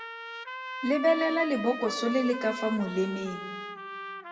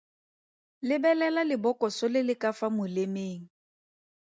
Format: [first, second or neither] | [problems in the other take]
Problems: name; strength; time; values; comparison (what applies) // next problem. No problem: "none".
second | background sound (Trumpet); 9 dB below the speech // room echo; dies away in 1.4 s